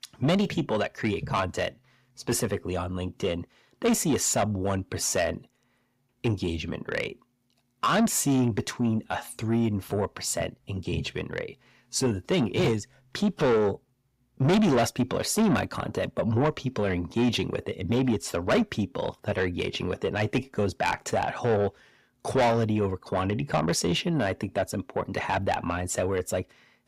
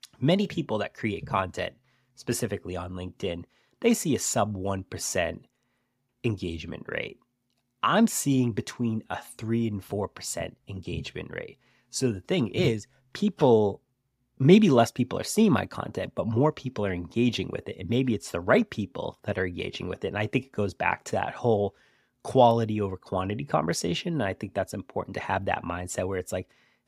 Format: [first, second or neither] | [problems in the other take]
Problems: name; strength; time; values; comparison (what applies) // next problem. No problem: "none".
second | distortion; heavy; 7 dB below the speech